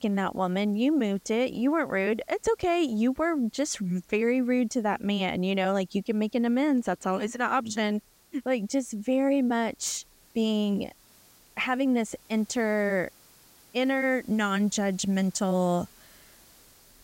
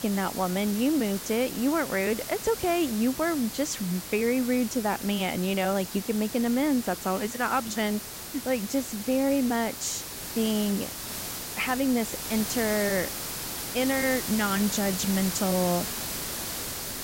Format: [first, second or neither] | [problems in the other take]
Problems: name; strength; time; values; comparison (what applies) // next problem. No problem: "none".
first | hiss; loud; throughout; 6 dB below the speech; faint in the first